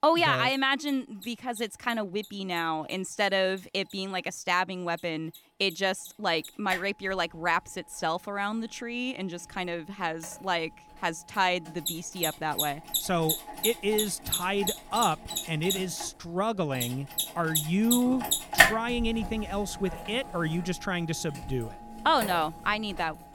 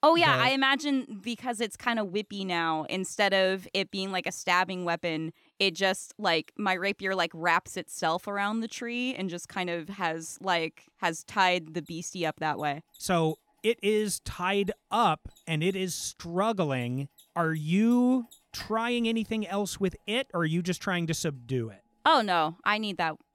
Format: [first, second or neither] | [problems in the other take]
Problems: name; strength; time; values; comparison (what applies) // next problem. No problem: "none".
second | machinery noise; loud; throughout; 1 dB below the speech; faint in the second